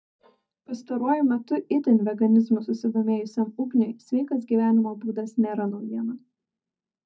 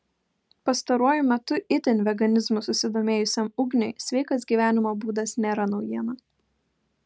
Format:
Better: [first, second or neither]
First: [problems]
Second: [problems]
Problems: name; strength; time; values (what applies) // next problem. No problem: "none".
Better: second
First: noise reduction (neural mask model DeepFilterNet 3)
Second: none